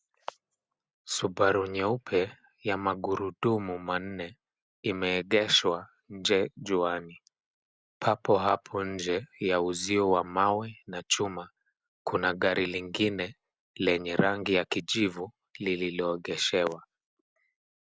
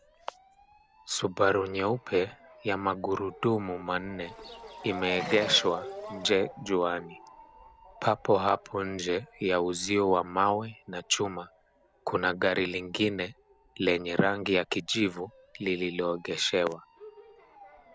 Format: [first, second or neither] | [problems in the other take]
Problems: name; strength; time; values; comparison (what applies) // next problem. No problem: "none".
first | background sound (Motor vehicle (road) / Siren + Livestock, farm animals, working animals); 17 dB below the speech